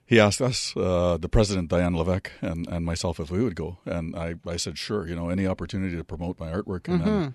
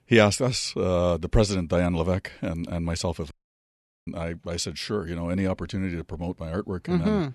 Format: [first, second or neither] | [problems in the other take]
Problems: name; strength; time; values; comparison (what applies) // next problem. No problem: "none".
first | audio cutting out; at 3.5 s for 1 s